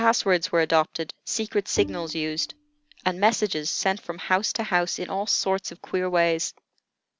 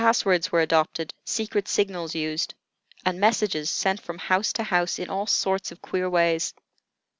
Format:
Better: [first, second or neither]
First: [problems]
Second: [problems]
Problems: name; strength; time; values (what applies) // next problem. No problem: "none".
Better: second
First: background sound (Bowed string instrument); 13 dB below the speech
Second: none